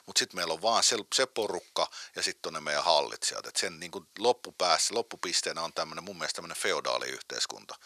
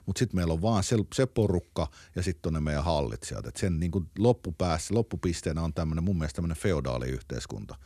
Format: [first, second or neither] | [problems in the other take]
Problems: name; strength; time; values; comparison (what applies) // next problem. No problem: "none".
second | thin; very; fading below 800 Hz